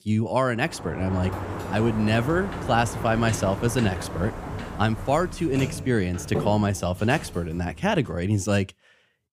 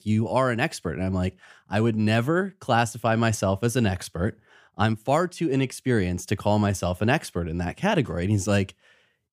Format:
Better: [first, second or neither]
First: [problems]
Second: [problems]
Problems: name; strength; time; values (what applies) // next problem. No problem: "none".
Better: second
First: door banging; noticeable; from 0.5 to 8 s; peak 5 dB below the speech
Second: none